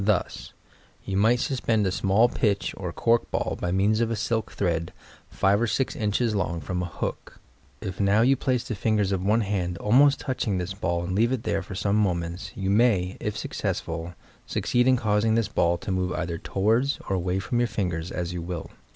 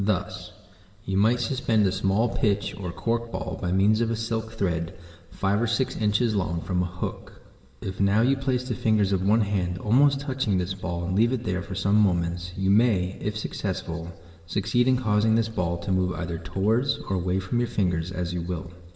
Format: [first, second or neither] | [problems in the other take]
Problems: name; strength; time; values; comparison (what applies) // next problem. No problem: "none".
first | room echo; dies away in 1.3 s